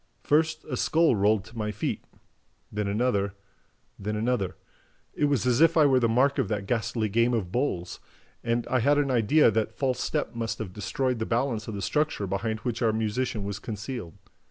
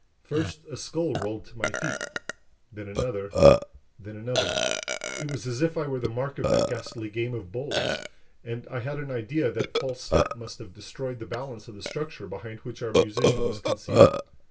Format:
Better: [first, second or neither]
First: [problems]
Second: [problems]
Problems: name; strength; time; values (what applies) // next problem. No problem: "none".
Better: first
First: none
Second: background sound (Burping, eructation); 5 dB above the speech // room echo; dies away in 0.2 s